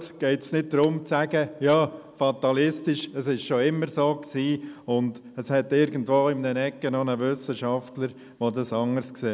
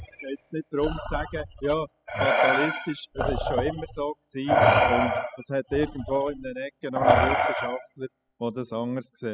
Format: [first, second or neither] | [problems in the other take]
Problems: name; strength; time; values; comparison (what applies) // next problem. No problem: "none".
first | noise reduction (classical method spectral subtraction)